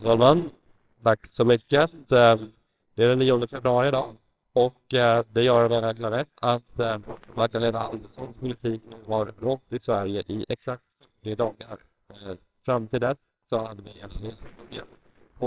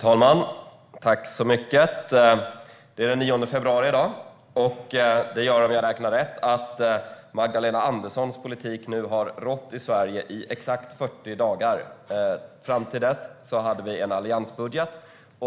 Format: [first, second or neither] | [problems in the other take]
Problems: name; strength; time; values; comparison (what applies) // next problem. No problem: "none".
second | noise reduction (neural separator model SepFormer WHAMR!)